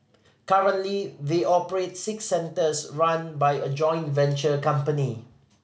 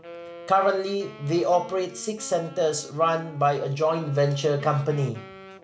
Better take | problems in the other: first | background sound (Wind instrument, woodwind instrument); 19 dB below the speech

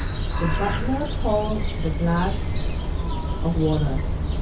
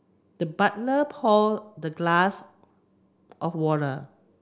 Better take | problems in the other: second | background sound (Bird); 3 dB above the speech // room echo; dies away in 0.3 s

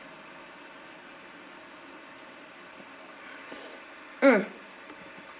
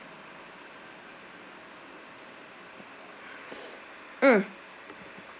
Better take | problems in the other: second | room echo; dies away in 0.4 s

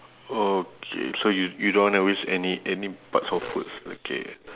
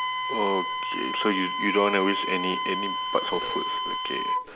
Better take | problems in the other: first | background sound (Wind instrument, woodwind instrument); 1 dB below the speech

